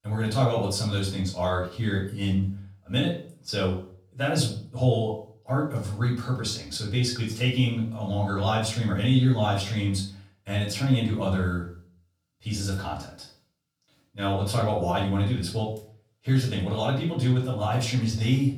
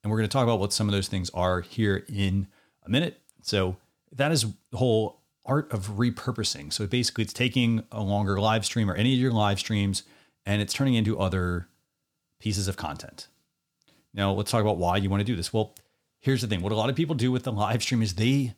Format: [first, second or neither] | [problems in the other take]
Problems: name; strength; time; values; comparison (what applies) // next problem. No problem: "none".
second | off-mic speech; far // room echo; slight; dies away in 0.4 s